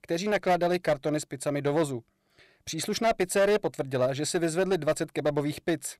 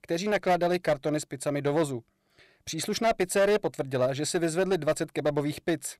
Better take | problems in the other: neither | distortion; slight; 7% of the sound clipped; the same in both

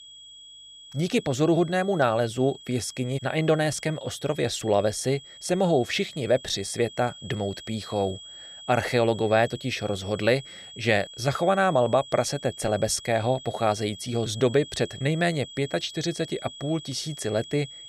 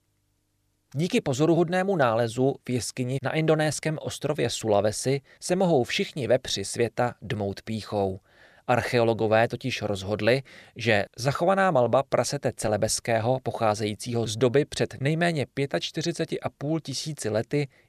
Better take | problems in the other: second | high-pitched whine; noticeable; throughout; 3.5 kHz, 15 dB below the speech

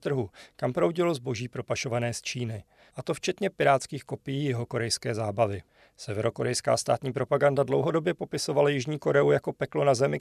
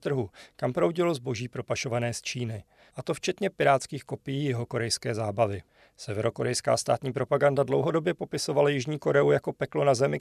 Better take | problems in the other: neither | none

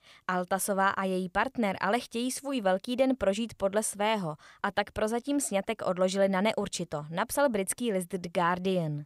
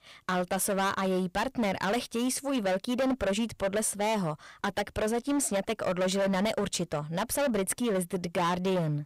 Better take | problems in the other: first | distortion; heavy; 19% of the sound clipped

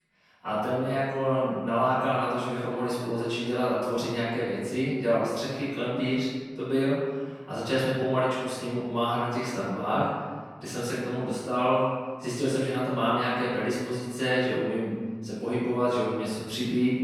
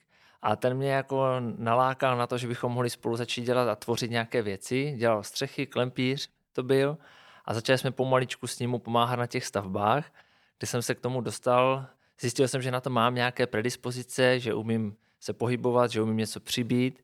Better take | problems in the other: second | off-mic speech; far // room echo; strong; dies away in 1.4 s

